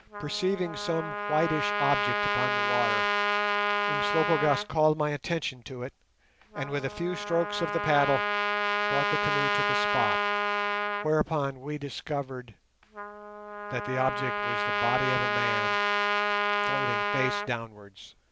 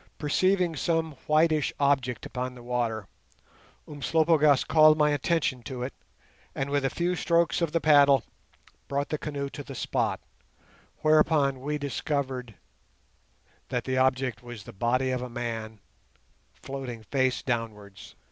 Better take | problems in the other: second | background sound (Trumpet); 2 dB above the speech

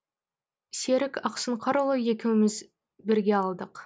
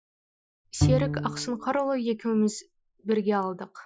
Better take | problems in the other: first | noise reduction (classical method Wiener filter)

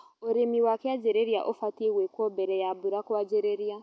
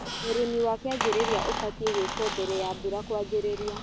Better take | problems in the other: first | background sound (Squeak); 5 dB below the speech

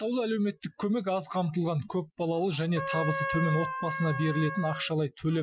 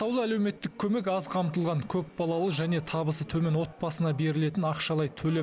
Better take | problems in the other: second | noise reduction (classical method Wiener filter)

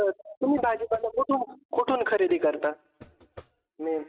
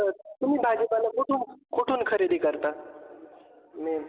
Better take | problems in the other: second | noise reduction (neural mask model RNNoise)

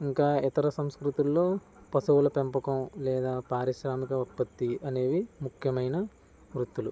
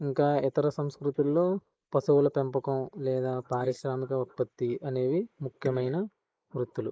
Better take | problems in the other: first | noise reduction (neural mask model Resemble Enhance denoiser)

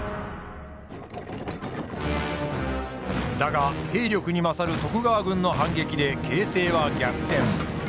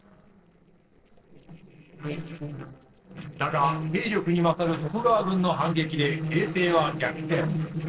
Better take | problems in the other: first | noise reduction (neural separator model SepFormer DNS4)

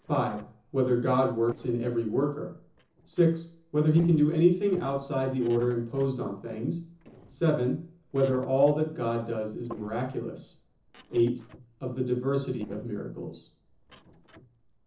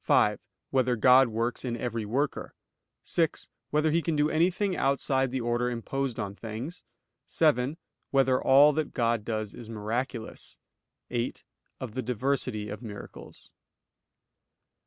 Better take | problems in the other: second | noise reduction (neural separator model SepFormer DNS4)

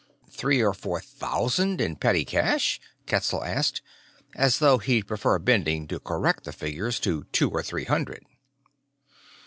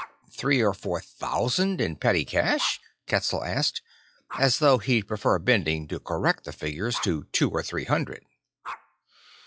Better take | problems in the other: first | noise reduction (classical method log-MMSE)

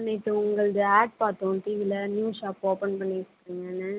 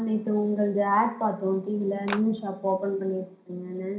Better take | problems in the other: first | background sound (Clapping); 8 dB below the speech // room echo; dies away in 0.5 s

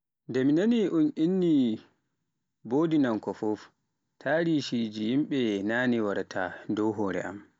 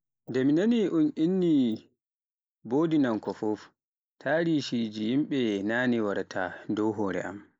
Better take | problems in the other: first | noise reduction (neural mask model Resemble Enhance denoiser)

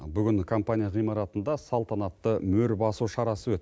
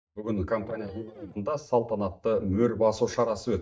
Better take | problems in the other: first | noise reduction (neural mask model DeepFilterNet 3)

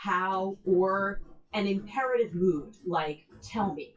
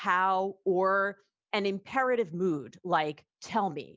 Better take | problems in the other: second | noise reduction (classical method WPE with log-MMSE)

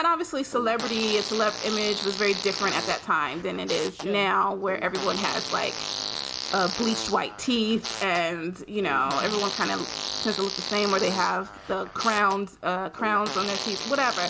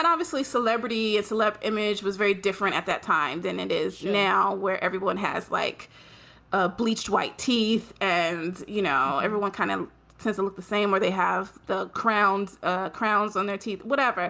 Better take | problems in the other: second | background sound (Fart); 7 dB below the speech

